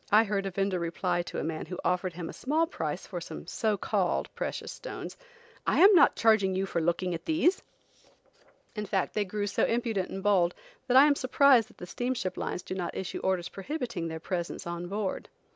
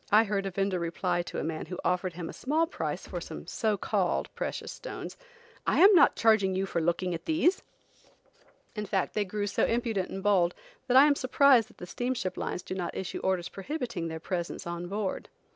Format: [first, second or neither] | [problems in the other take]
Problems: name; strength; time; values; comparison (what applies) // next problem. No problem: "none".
first | background sound (Gunshot, gunfire); 18 dB below the speech